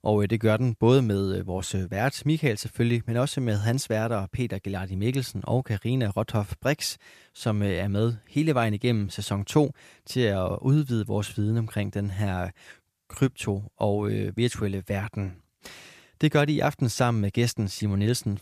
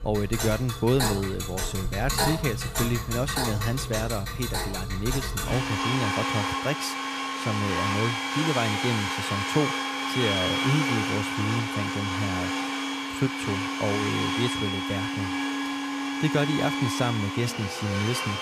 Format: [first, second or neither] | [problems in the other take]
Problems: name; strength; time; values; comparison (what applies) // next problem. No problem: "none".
first | household noises; very loud; throughout; 1 dB above the speech